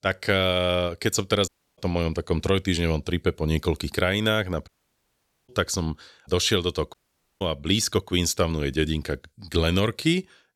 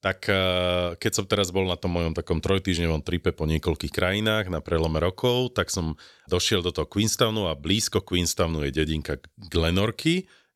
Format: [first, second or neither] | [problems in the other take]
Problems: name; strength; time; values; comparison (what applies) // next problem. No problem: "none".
second | audio cutting out; at 1.5 s, at 4.5 s for 1 s and at 7 s